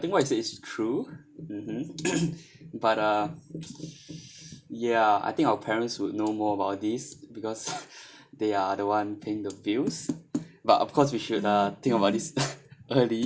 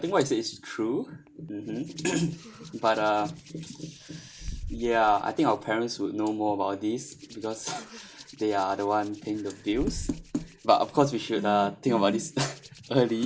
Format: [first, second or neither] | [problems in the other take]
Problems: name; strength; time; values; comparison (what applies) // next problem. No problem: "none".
first | background sound (Hands); 18 dB below the speech